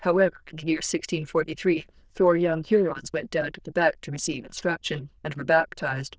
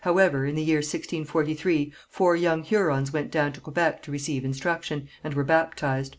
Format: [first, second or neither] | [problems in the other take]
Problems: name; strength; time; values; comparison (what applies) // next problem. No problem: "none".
second | noise reduction (neural diffusion model UNIVERSE++)